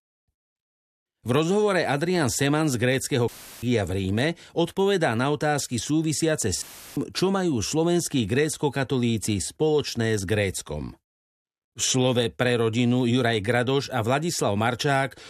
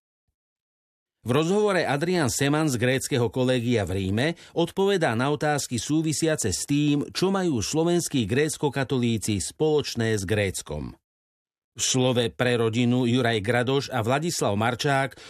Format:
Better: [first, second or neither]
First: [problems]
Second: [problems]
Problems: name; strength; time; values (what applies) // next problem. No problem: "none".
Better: second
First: audio cutting out; filled with static; at 3.5 s and at 6.5 s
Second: none